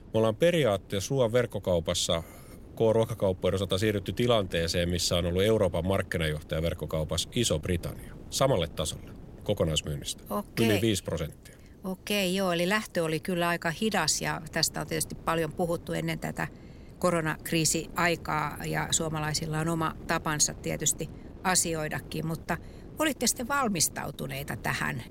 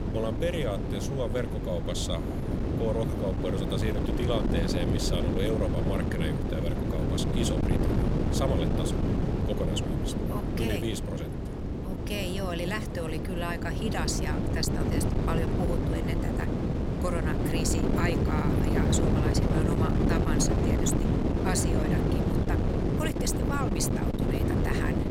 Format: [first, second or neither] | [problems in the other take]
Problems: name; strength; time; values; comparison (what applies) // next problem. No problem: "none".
first | wind noise on the microphone; heavy; 1 dB above the speech; occasional gusts in the first